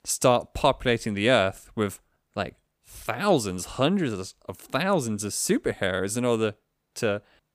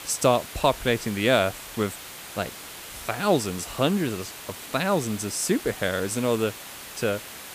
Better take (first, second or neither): first